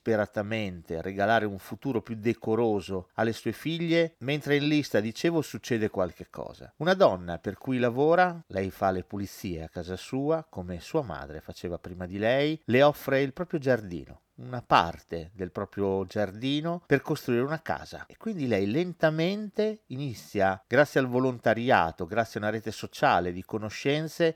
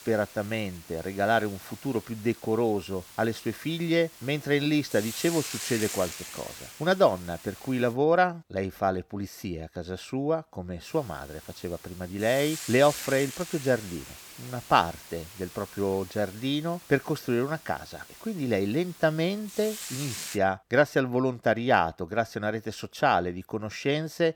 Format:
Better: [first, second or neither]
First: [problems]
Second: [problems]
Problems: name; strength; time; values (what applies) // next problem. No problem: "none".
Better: first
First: none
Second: hiss; noticeable; until 8 s and from 11 to 20 s; 15 dB below the speech